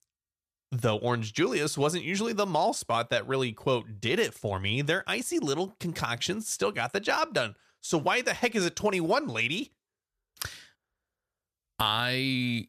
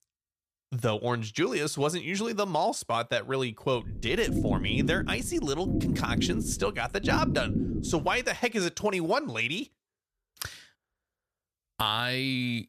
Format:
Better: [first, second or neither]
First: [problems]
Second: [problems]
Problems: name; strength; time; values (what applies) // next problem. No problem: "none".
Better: first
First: none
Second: low rumble; very faint; from 4 to 8 s; 8 dB below the speech